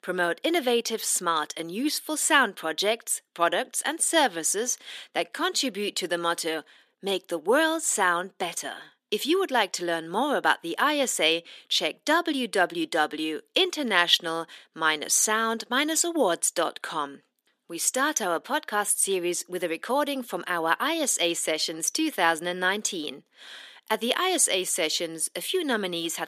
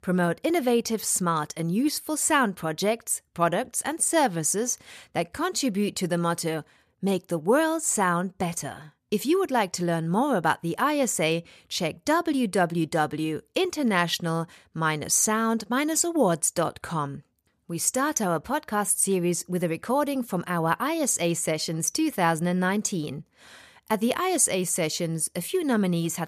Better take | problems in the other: second | thin; somewhat; fading below 250 Hz

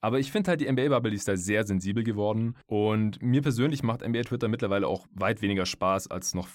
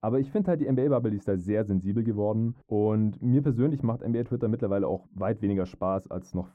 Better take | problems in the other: first | muffled; very; fading above 1.5 kHz

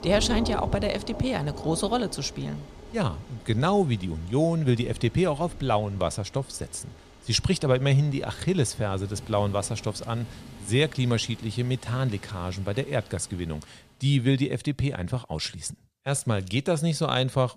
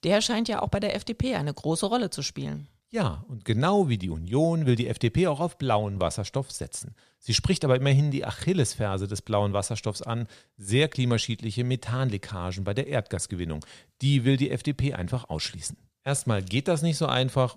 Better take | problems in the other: second | rain or running water; noticeable; until 14 s; 15 dB below the speech

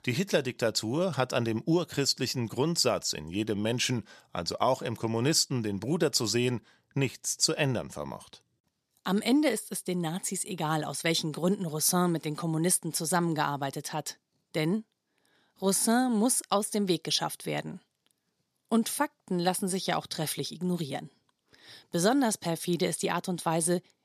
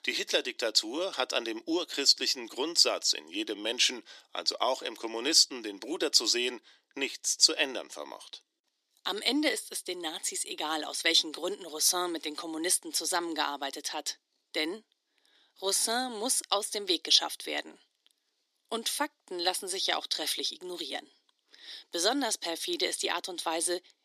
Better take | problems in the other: first | thin; somewhat; fading below 300 Hz

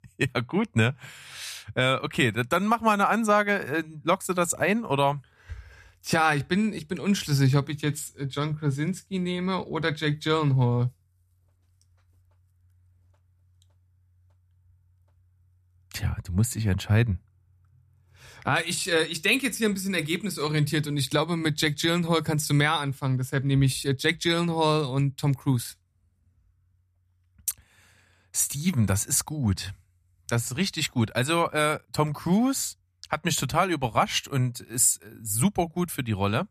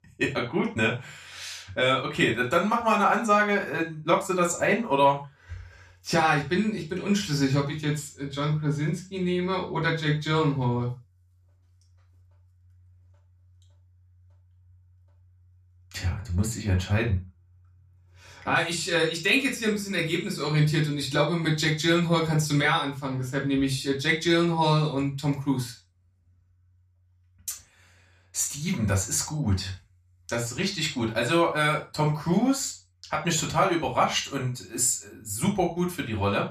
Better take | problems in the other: first | room echo; slight; dies away in 0.3 s // off-mic speech; far

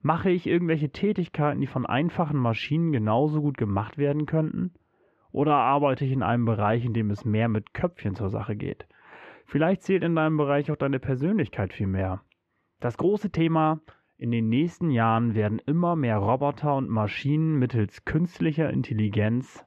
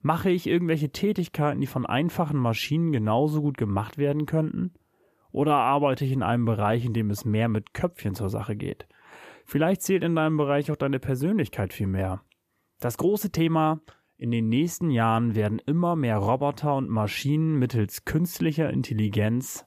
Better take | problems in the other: second | muffled; slightly; fading above 2.5 kHz

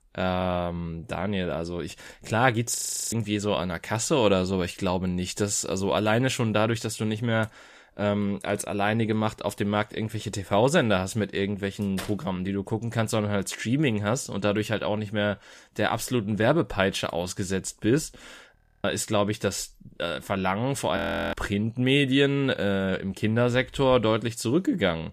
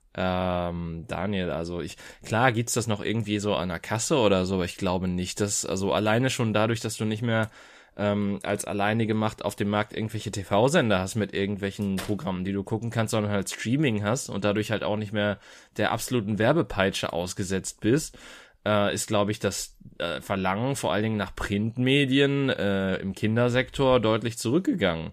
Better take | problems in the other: second | audio freezing; at 3 s, at 19 s and at 21 s

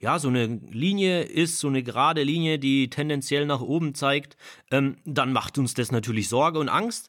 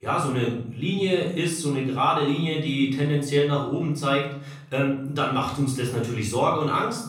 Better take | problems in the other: first | off-mic speech; far // room echo; noticeable; dies away in 0.7 s

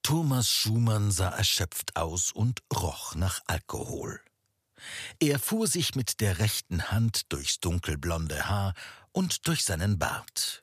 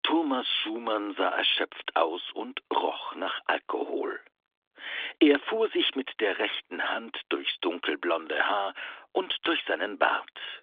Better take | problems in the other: first | phone-call audio; nothing above 3.5 kHz

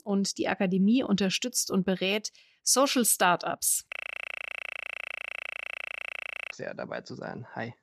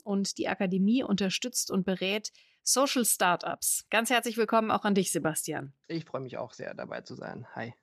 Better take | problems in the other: second | audio freezing; at 4 s for 2.5 s

